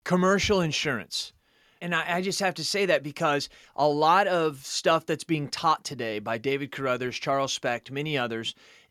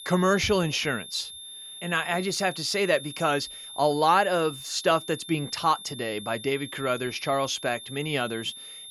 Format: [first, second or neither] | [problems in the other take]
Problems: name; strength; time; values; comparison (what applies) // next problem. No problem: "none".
first | high-pitched whine; noticeable; throughout; 3.5 kHz, 15 dB below the speech